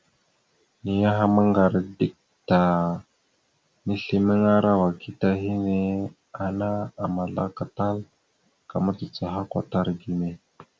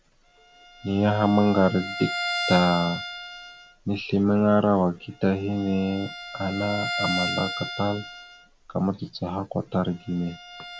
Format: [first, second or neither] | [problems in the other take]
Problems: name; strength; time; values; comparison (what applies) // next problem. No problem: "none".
first | background sound (Bowed string instrument); 9 dB below the speech